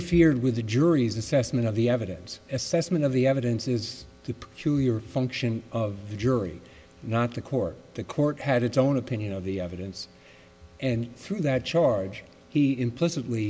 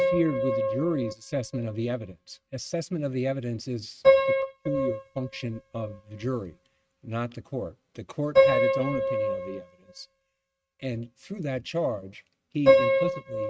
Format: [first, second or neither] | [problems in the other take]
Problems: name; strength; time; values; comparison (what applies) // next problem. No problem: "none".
first | noise reduction (neural mask model RNNoise)